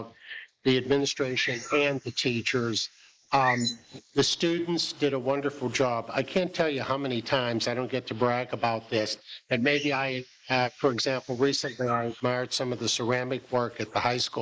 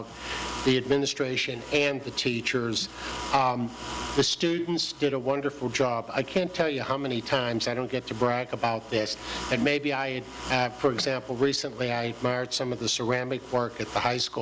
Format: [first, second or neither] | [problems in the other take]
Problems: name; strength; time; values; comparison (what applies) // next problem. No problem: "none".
second | noise reduction (neural mask model Resemble Enhance denoiser)